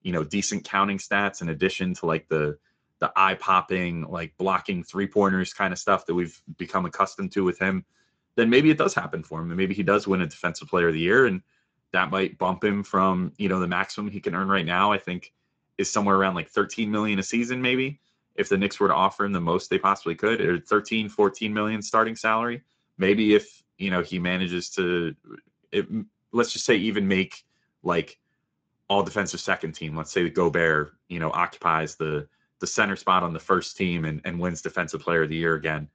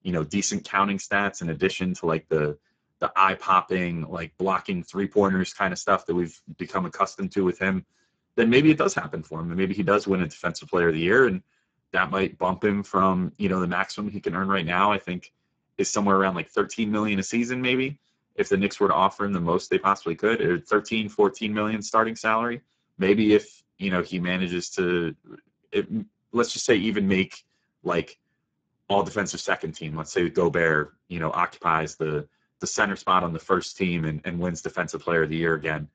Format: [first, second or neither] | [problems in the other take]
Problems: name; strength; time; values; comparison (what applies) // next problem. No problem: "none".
first | garbled, watery; badly; nothing above 7.5 kHz; slightly in the first